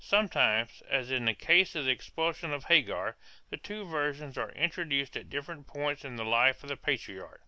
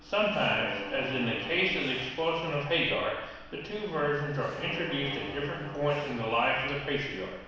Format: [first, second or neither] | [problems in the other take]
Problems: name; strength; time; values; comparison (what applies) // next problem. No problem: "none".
first | background sound (Mechanisms); 13 dB below the speech // room echo; dies away in 1.1 s